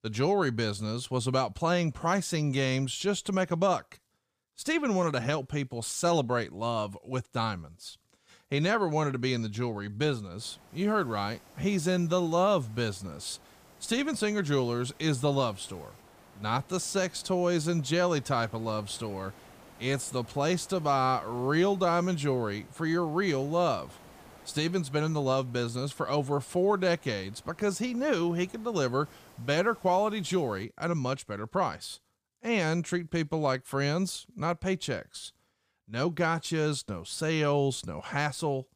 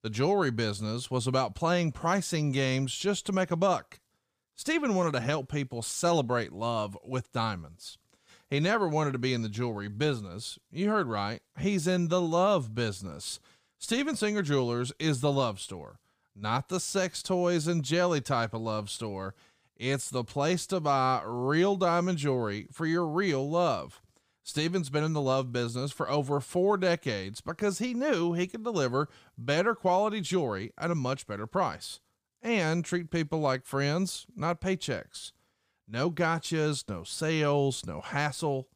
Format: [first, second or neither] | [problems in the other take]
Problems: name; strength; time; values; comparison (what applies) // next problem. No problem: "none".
second | hiss; faint; from 10 to 31 s; 25 dB below the speech